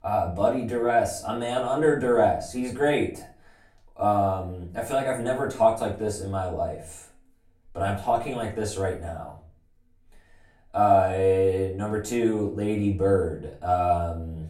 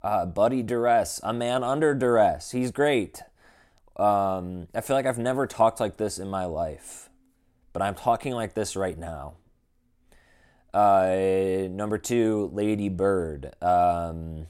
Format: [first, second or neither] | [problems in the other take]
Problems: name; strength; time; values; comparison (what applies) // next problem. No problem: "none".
second | off-mic speech; far // room echo; slight; dies away in 0.3 s